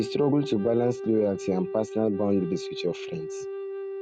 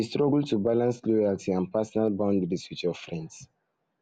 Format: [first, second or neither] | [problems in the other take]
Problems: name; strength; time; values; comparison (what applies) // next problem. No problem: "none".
second | noise reduction (neural mask model RNNoise)